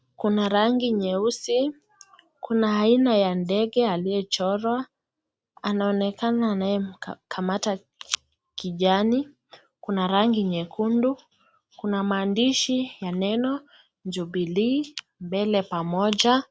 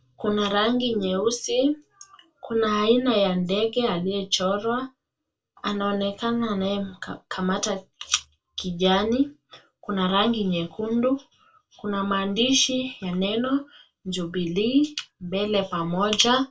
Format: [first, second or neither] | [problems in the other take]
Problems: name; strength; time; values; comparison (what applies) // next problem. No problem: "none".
first | room echo; dies away in 0.2 s